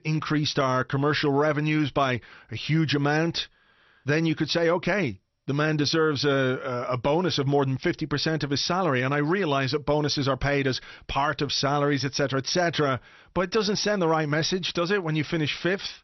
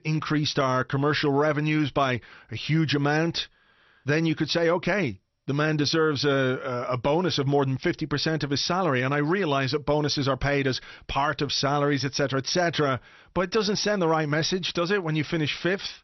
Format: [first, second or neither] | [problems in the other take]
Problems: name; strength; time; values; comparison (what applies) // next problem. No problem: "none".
neither | garbled, watery; slightly; nothing above 6 kHz; the same in both